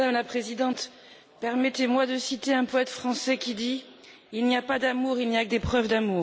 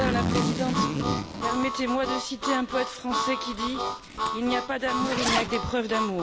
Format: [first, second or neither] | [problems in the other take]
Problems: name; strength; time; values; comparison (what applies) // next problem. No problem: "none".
first | background sound (Zipper (clothing) + Harmonica); 1 dB above the speech